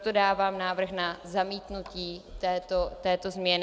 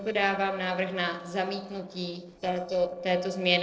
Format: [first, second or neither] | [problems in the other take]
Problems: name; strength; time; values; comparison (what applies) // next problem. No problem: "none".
first | noise reduction (neural separator model SepFormer DNS4)